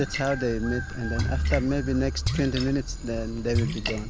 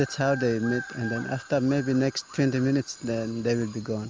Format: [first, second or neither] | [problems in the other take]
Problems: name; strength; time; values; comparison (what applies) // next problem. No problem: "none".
second | background sound (Splash, splatter); 2 dB below the speech